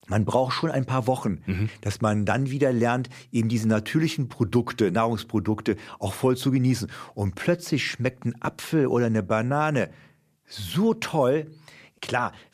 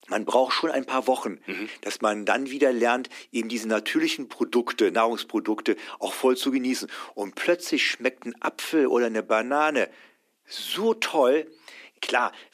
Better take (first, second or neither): first